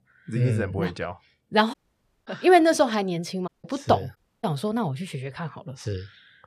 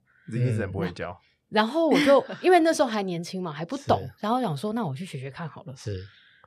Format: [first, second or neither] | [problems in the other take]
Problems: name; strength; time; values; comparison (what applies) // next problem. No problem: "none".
second | audio cutting out; at 1.5 s for 0.5 s, at 3.5 s and at 4 s